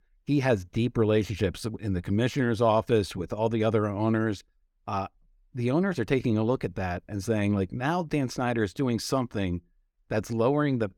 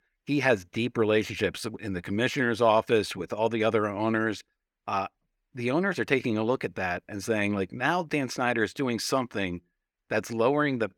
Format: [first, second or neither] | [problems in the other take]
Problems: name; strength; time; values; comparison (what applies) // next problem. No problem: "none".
first | thin; very slightly; fading below 650 Hz